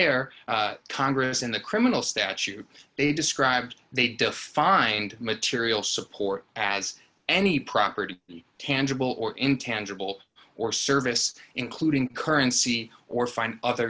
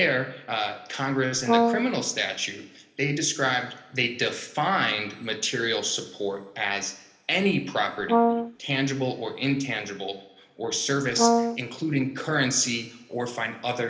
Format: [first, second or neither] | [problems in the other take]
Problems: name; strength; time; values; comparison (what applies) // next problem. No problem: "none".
first | background sound (Brass instrument); 4 dB above the speech // room echo; dies away in 0.8 s